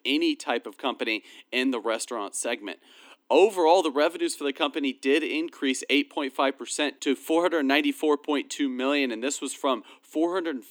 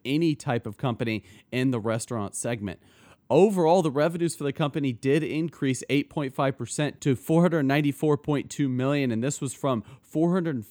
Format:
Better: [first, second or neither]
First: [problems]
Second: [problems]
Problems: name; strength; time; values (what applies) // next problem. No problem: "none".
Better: second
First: thin; very slightly; fading below 250 Hz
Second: none